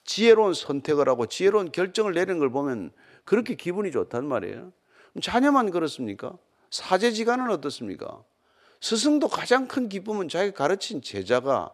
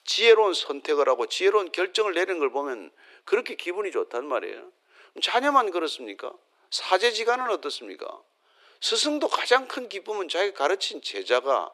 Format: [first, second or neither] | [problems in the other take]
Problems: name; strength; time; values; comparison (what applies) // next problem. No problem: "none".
first | thin; somewhat; fading below 350 Hz